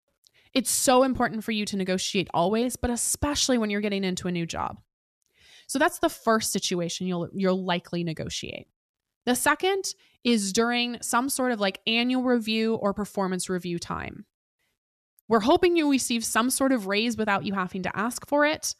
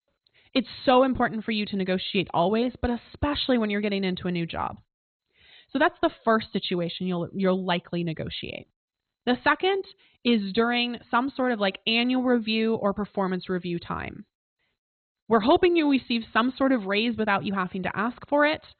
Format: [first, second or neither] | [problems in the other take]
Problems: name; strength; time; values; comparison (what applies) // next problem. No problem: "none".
first | garbled, watery; badly; nothing above 4 kHz